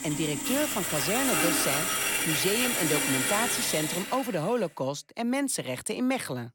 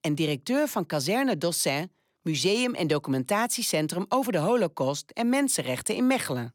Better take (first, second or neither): second